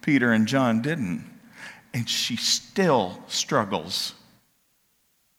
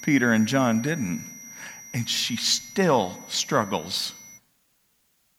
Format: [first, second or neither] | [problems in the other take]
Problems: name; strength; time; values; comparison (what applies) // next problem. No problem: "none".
first | high-pitched whine; noticeable; until 4.5 s; 6 kHz, 15 dB below the speech